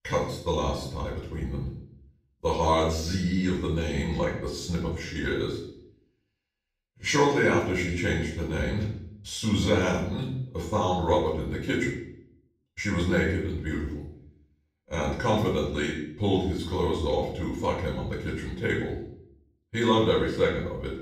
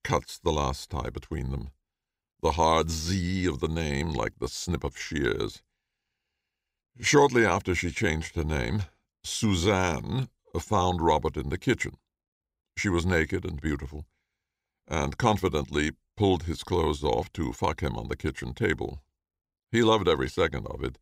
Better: second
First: room echo; noticeable; dies away in 0.6 s // off-mic speech; far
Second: none

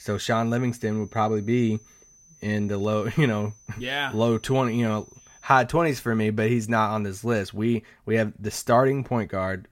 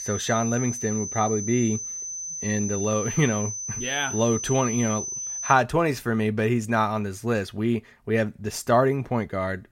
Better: first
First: high-pitched whine; faint; until 5.5 s; 6 kHz, 25 dB below the speech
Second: high-pitched whine; loud; until 5.5 s; 6 kHz, 5 dB below the speech

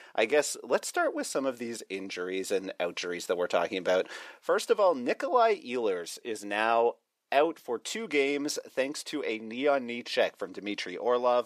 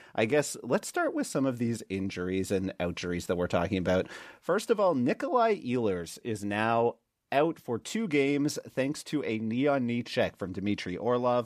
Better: second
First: thin; somewhat; fading below 450 Hz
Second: none

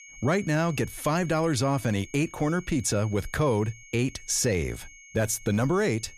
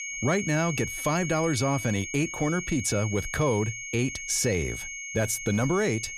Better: first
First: high-pitched whine; faint; throughout; 2 kHz, 20 dB below the speech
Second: high-pitched whine; loud; throughout; 2 kHz, 7 dB below the speech

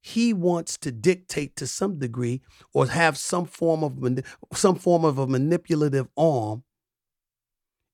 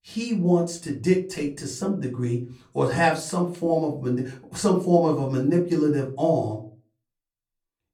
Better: first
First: none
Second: off-mic speech; far // room echo; very slight; dies away in 0.3 s

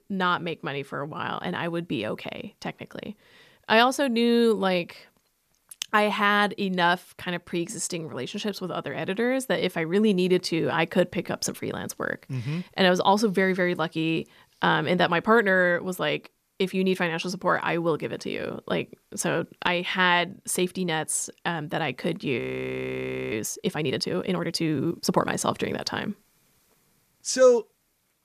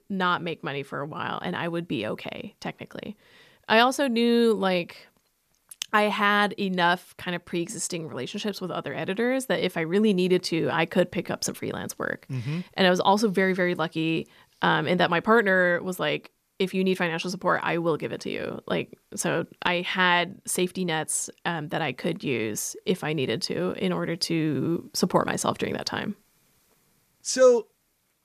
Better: second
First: audio freezing; at 22 s for 1 s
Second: none

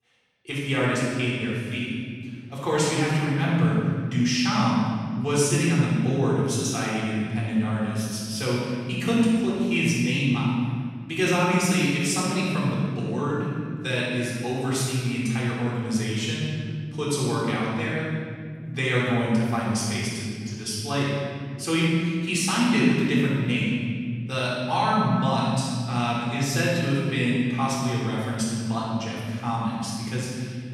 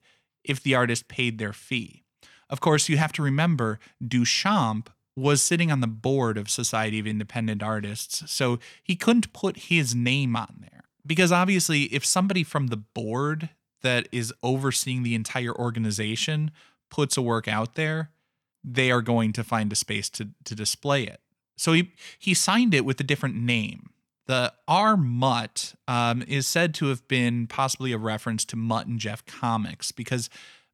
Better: second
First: room echo; strong; dies away in 2.2 s // off-mic speech; far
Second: none

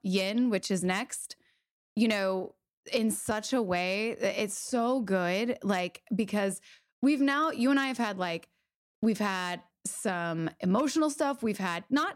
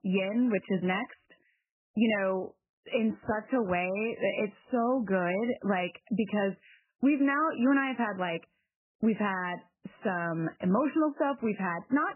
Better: first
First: none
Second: garbled, watery; badly; nothing above 3 kHz

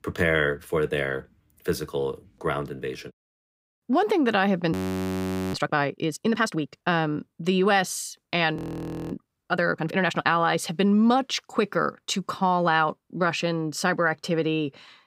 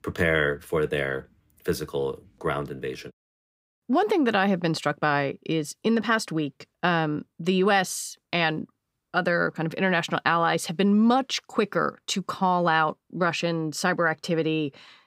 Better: second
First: audio freezing; at 4.5 s for 1 s and at 8.5 s for 0.5 s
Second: none

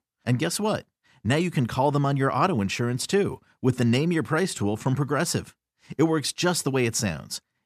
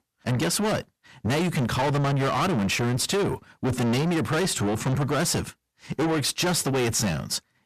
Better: first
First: none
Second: distortion; heavy; 6 dB below the speech

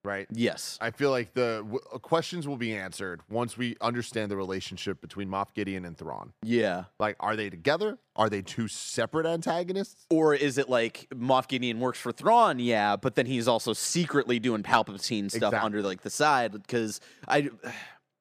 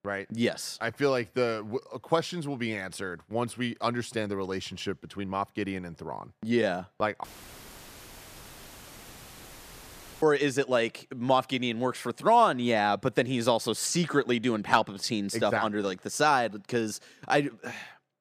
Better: first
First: none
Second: audio cutting out; filled with static; at 7 s for 3 s

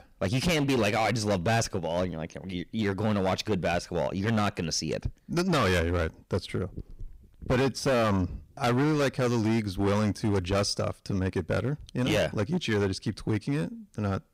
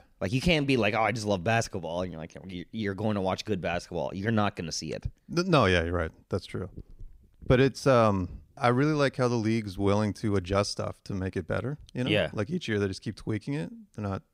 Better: second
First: distortion; heavy; 13% of the sound clipped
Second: none

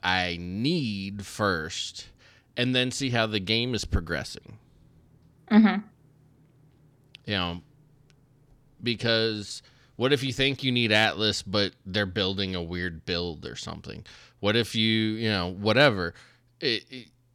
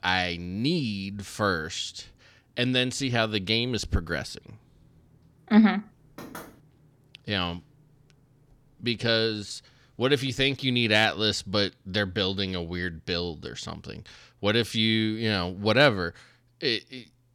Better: first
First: none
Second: door banging; faint; at 6 s; peak 15 dB below the speech

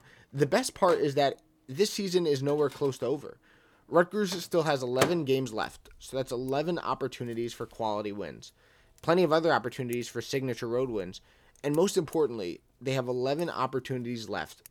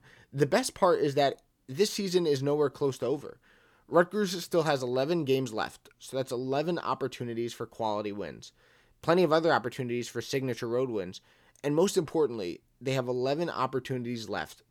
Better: second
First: household noises; loud; throughout; 10 dB below the speech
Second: none

